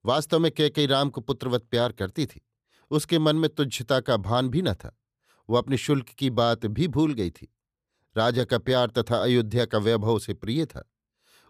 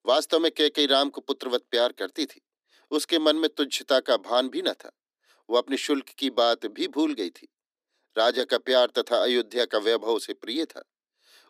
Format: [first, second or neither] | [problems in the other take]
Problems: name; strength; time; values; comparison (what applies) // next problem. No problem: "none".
first | thin; somewhat; fading below 250 Hz